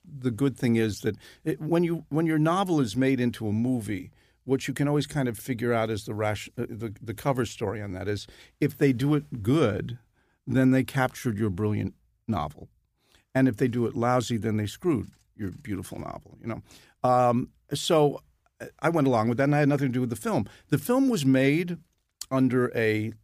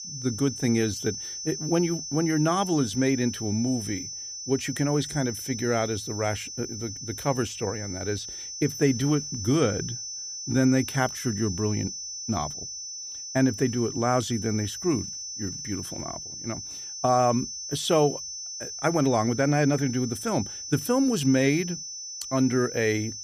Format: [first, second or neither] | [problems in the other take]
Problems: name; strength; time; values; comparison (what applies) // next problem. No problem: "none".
first | high-pitched whine; loud; throughout; 6 kHz, 7 dB below the speech